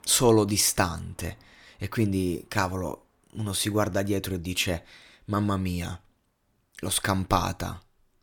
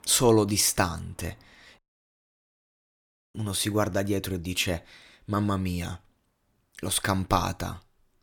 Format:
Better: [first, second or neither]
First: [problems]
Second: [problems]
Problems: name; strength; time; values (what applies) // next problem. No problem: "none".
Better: first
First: none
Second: audio cutting out; at 2 s for 1.5 s